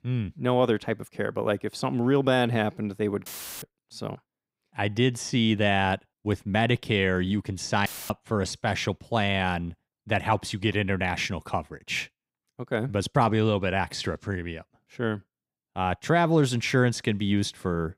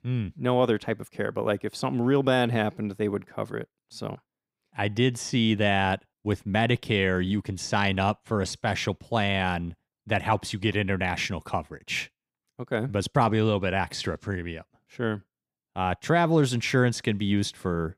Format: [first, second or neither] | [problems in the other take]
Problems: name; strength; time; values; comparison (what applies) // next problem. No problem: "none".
second | audio cutting out; filled with static; at 3.5 s and at 8 s